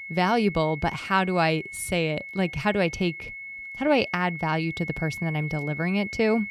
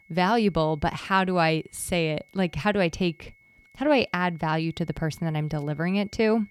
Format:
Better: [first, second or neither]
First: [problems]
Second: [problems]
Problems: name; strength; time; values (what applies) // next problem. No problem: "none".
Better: second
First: high-pitched whine; loud; throughout; 2 kHz, 10 dB below the speech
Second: high-pitched whine; faint; throughout; 2 kHz, 30 dB below the speech